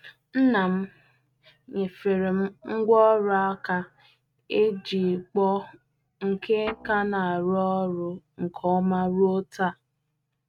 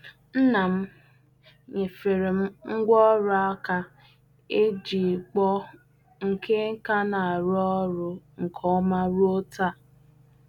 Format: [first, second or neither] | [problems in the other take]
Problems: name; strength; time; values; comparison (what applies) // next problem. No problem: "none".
second | noise reduction (neural mask model RNNoise)